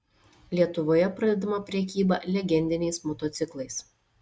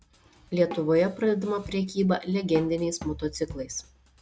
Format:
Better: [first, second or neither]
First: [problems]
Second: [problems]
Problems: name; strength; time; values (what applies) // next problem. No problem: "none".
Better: first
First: none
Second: background sound (Drum kit); 17 dB below the speech